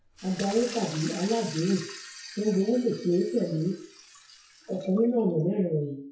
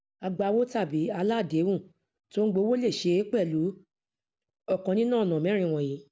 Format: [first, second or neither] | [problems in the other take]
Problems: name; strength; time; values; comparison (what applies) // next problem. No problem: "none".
second | noise reduction (classical method WPE with log-MMSE)